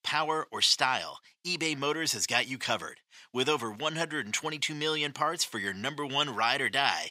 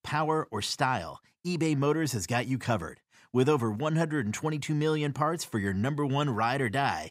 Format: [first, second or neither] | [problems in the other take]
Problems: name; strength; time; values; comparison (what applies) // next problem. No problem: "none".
second | thin; somewhat; fading below 750 Hz